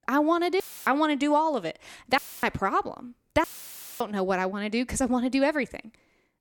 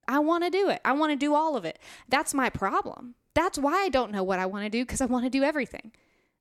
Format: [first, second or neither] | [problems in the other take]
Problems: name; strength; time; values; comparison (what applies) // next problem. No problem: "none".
second | audio cutting out; filled with static; at 0.5 s, at 2 s and at 3.5 s for 0.5 s